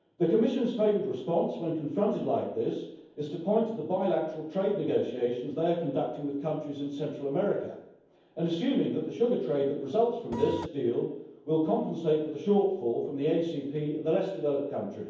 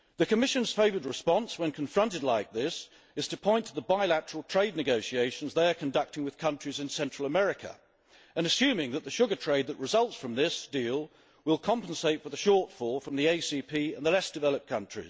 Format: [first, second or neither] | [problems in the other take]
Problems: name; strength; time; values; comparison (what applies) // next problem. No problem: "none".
second | background sound (Printer); 8 dB below the speech // room echo; dies away in 0.9 s